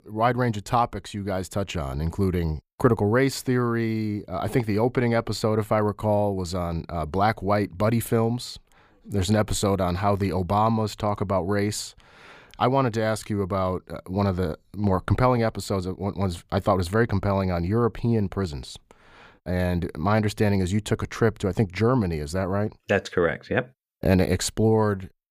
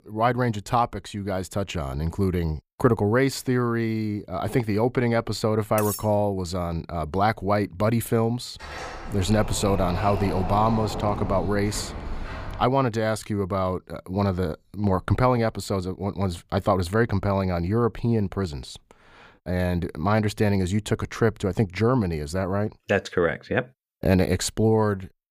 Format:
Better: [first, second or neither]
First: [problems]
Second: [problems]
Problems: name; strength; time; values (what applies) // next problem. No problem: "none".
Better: first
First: none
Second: clattering dishes; noticeable; at 6 s; peak 7 dB below the speech // door banging; noticeable; from 8.5 to 13 s; peak 7 dB below the speech